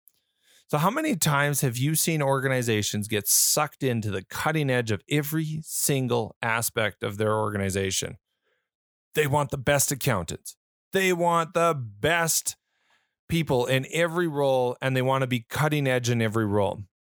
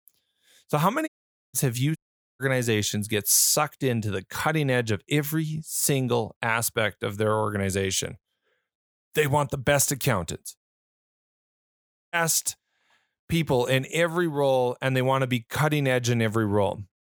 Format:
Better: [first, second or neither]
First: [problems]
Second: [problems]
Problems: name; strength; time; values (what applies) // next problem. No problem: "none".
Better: first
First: none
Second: audio cutting out; at 1 s, at 2 s and at 11 s for 1.5 s